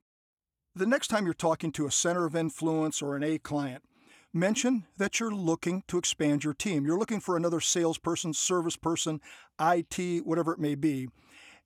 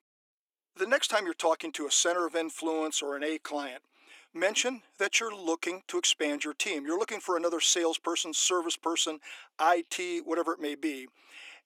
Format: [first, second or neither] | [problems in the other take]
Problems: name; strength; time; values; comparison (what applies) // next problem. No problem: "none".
first | thin; somewhat; fading below 350 Hz